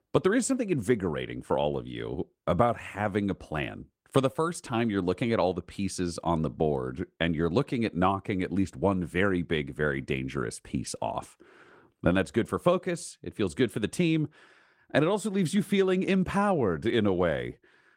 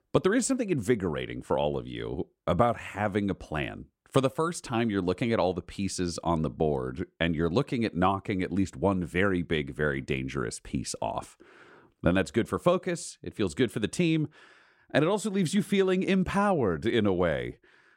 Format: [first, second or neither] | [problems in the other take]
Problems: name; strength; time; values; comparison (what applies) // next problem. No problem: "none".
second | garbled, watery; slightly; nothing above 16 kHz